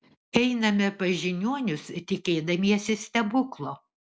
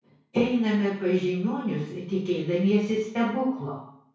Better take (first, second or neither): first